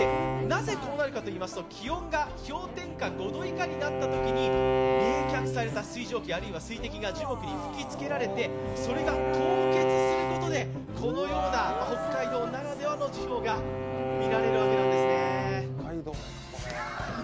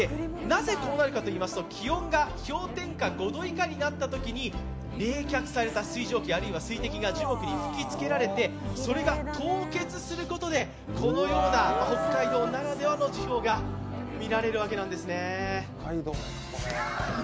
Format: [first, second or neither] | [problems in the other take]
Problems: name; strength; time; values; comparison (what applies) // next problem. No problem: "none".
second | background sound (Bowed string instrument); 2 dB above the speech